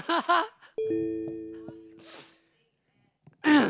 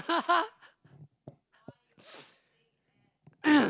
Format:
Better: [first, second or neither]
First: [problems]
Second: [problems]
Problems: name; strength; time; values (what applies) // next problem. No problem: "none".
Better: second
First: background sound (Telephone); 5 dB below the speech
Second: none